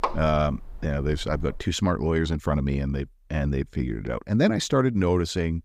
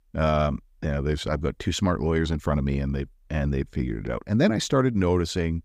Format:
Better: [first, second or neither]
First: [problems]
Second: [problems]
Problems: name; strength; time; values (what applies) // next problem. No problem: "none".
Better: second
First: household noises; noticeable; until 1.5 s; 15 dB below the speech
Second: none